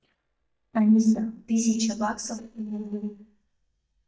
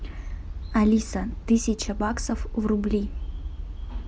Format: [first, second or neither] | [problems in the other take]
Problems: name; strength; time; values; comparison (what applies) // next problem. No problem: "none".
second | noise reduction (neural mask model DeepFilterNet 3)